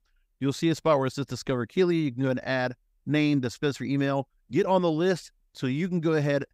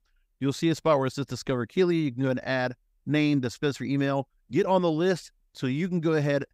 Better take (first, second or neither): neither